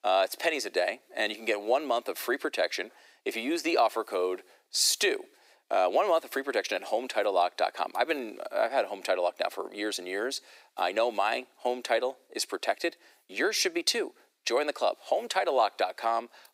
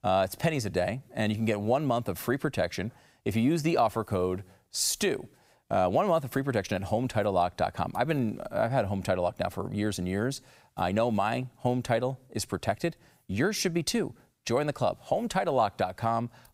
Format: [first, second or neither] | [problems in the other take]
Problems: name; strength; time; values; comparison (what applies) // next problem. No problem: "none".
second | thin; very; fading below 300 Hz